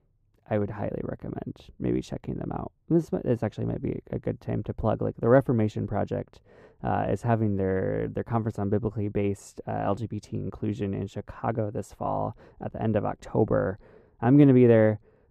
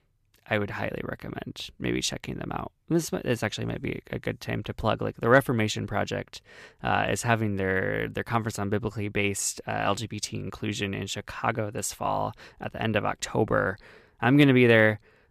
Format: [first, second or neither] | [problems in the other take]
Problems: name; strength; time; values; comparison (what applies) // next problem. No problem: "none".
second | muffled; very; fading above 1.5 kHz